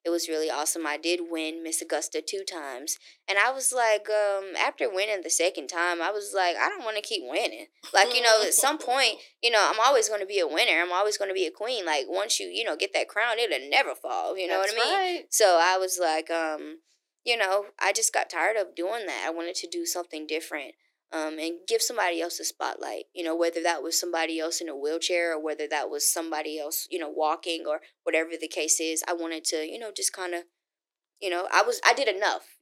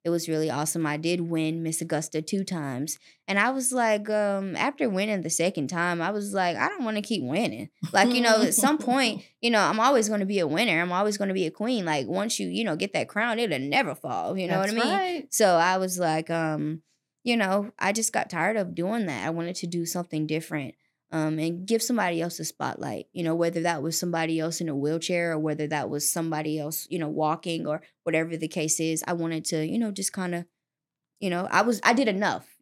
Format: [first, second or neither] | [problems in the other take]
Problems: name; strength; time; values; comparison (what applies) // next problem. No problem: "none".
second | thin; very; fading below 350 Hz